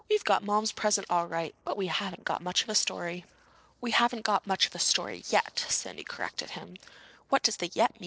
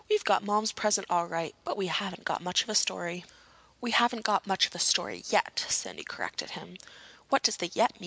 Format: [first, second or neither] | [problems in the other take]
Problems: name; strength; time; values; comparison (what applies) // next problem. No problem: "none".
second | noise reduction (neural separator model SepFormer DNS4)